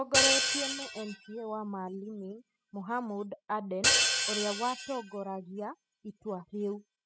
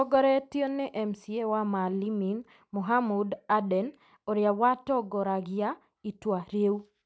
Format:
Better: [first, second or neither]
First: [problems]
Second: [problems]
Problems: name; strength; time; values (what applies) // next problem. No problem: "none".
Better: second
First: noise reduction (classical method spectral subtraction)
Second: none